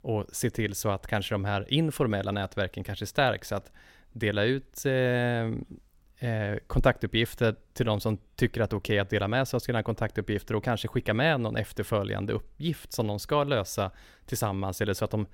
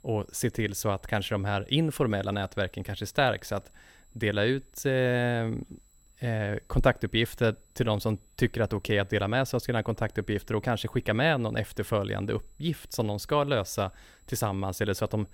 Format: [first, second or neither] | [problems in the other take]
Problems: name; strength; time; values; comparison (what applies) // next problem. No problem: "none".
first | high-pitched whine; faint; throughout; 8 kHz, 35 dB below the speech